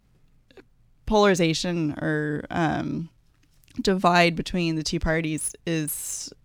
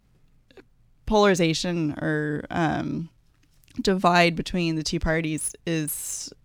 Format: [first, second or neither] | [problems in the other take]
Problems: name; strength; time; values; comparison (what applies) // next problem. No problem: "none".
neither | none